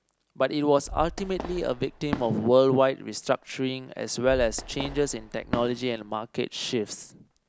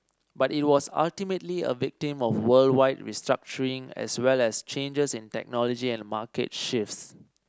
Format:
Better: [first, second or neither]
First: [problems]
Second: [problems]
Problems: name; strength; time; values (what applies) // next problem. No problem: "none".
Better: second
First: background sound (Fireworks); 12 dB below the speech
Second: none